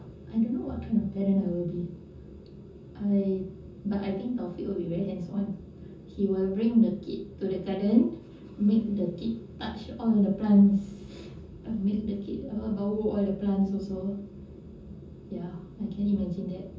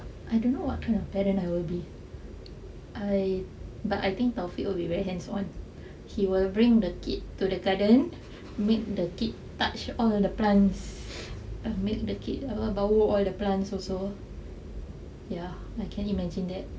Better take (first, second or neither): second